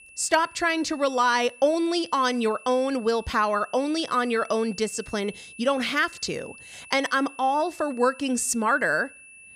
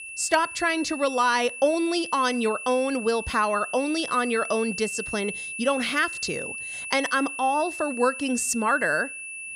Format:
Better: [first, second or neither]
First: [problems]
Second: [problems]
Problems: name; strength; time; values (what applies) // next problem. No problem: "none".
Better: first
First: high-pitched whine; faint; throughout; 2.5 kHz, 20 dB below the speech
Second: high-pitched whine; loud; throughout; 2.5 kHz, 8 dB below the speech